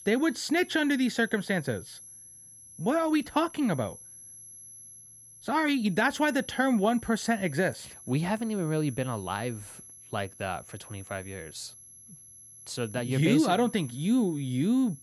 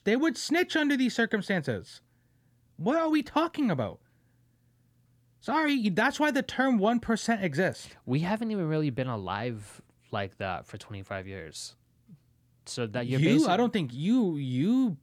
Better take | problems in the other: second | high-pitched whine; noticeable; throughout; 11 kHz, 20 dB below the speech

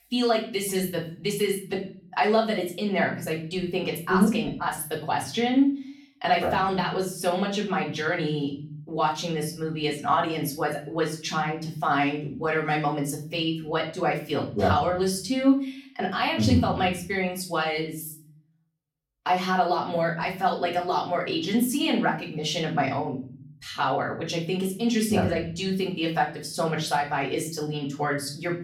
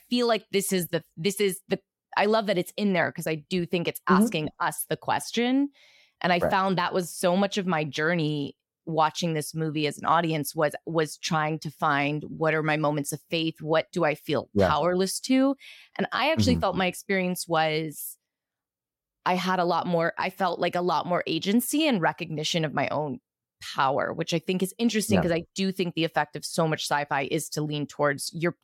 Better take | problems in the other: second | off-mic speech; far // room echo; slight; dies away in 0.5 s

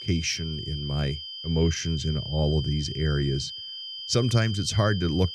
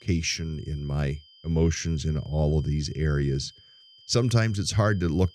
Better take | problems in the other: second | high-pitched whine; loud; throughout; 3 kHz, 8 dB below the speech; faint in the second

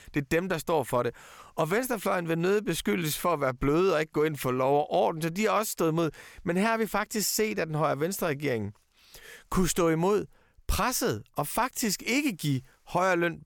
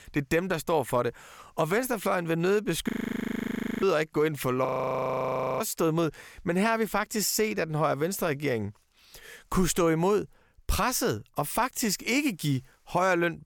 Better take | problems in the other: first | audio freezing; at 3 s for 1 s and at 4.5 s for 1 s

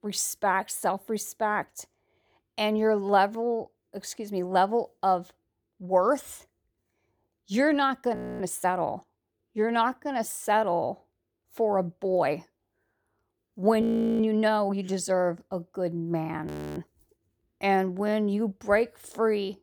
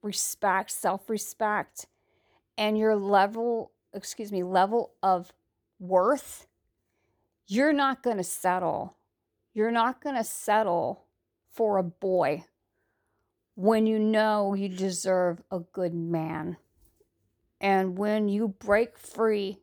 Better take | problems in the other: second | audio freezing; at 8 s, at 14 s and at 16 s

